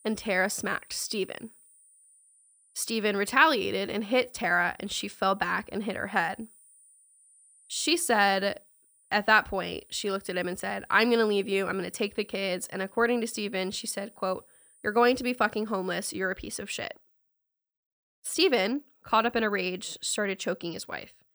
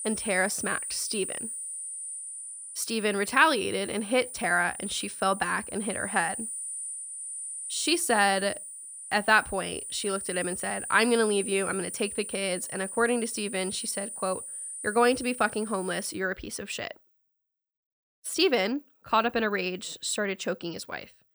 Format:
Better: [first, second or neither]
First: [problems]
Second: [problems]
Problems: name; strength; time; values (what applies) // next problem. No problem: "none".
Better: first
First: high-pitched whine; faint; until 16 s; 9.5 kHz, 30 dB below the speech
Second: high-pitched whine; loud; until 16 s; 9.5 kHz, 7 dB below the speech